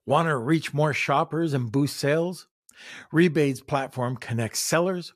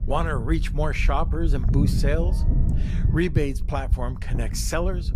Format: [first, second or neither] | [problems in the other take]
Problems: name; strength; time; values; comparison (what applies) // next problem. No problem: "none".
first | low rumble; noticeable; throughout; 10 dB below the speech